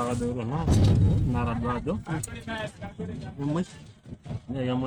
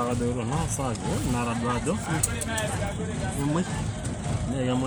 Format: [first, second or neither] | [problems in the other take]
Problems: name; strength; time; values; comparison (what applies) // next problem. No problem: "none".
second | noise reduction (neural mask model RNNoise)